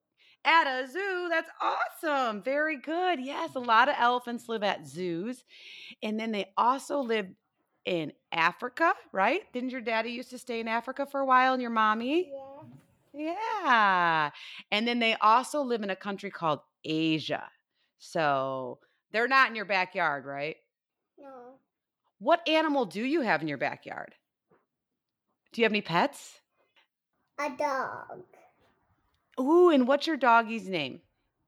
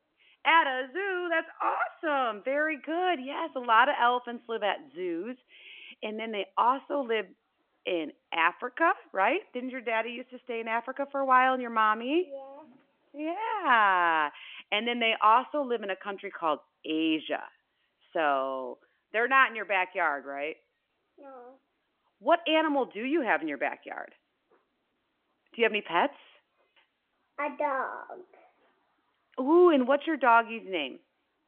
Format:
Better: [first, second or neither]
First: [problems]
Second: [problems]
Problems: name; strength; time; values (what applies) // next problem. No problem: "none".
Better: first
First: none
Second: phone-call audio; nothing above 3 kHz